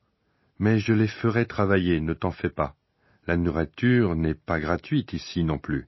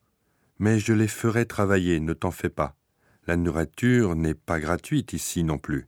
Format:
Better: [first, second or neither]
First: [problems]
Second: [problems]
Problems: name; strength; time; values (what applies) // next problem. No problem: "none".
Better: second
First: garbled, watery; slightly; nothing above 5.5 kHz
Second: none